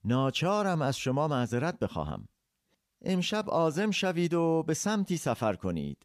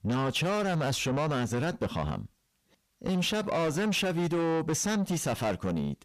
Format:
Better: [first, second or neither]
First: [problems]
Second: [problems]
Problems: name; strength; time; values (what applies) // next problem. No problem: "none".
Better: first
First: none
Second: distortion; heavy; 7 dB below the speech